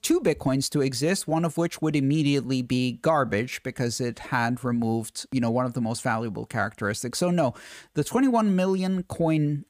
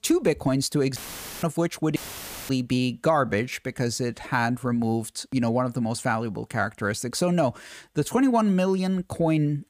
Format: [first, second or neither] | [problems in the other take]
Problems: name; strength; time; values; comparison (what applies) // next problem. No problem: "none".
first | audio cutting out; filled with static; at 1 s and at 2 s for 0.5 s